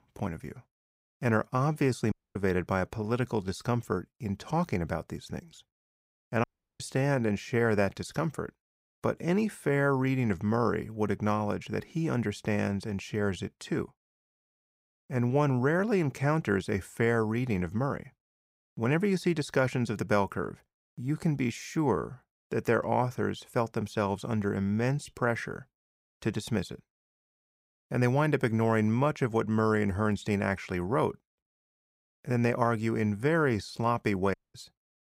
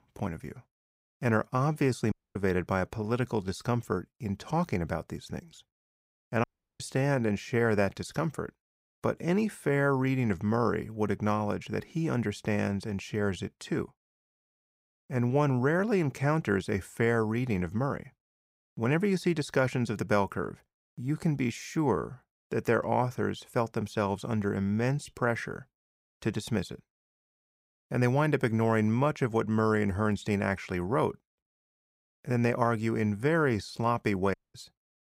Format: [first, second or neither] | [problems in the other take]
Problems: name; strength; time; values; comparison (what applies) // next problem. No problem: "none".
neither | audio cutting out; at 2 s, at 6.5 s and at 34 s; the same in both